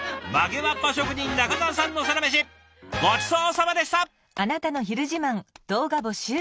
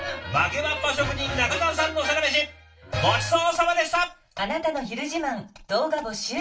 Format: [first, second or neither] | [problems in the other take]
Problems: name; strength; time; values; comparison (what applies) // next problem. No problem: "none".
first | room echo; dies away in 0.2 s